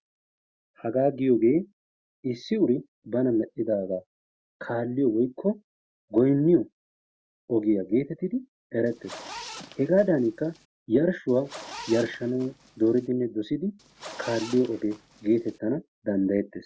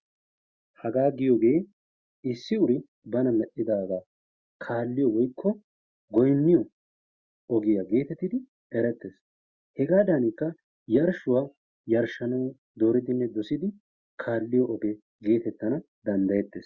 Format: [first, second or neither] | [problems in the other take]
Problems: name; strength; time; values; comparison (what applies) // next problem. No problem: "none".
second | background sound (Zipper (clothing)); 16 dB below the speech